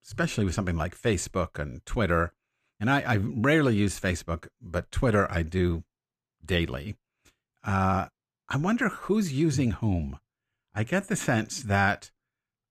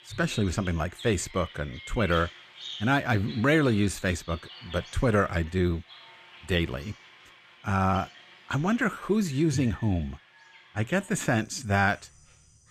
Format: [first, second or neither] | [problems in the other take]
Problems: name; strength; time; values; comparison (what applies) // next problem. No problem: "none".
first | animal sounds; noticeable; throughout; 15 dB below the speech